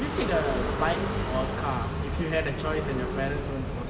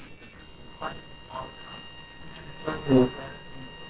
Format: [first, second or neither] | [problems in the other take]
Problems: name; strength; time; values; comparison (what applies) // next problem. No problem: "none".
first | noise reduction (neural separator model SepFormer WHAMR!)